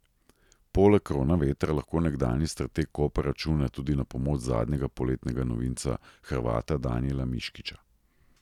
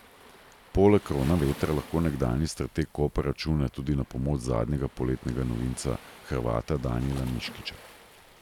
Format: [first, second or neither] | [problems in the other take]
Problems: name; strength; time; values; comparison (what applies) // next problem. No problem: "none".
first | background sound (Waves, surf); 20 dB below the speech